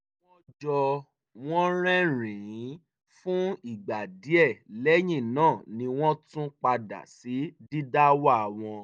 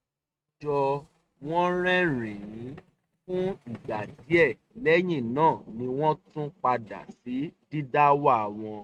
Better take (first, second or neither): first